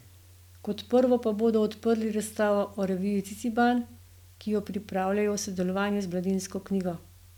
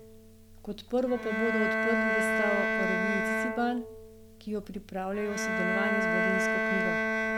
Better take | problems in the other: first | background sound (Bowed string instrument); 3 dB above the speech

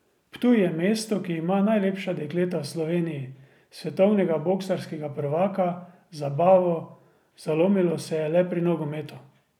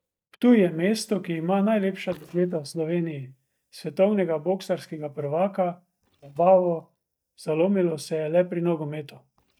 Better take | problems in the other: first | noise reduction (neural mask model DeepFilterNet 3)

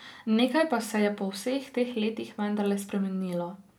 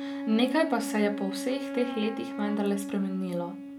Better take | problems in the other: first | background sound (Wind instrument, woodwind instrument); 6 dB below the speech

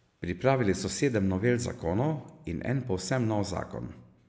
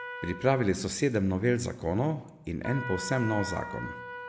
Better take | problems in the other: first | background sound (Trumpet); 12 dB below the speech

